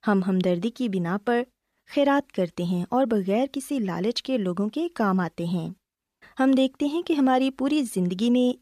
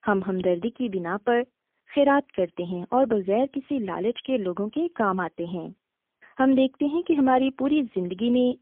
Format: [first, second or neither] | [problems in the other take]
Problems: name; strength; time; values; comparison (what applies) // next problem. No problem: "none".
first | phone-call audio; poor line; nothing above 3.5 kHz